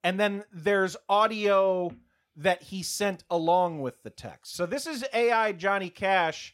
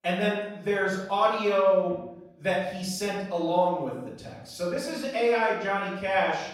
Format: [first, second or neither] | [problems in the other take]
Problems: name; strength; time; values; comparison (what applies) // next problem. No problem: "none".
first | off-mic speech; far // room echo; noticeable; dies away in 0.8 s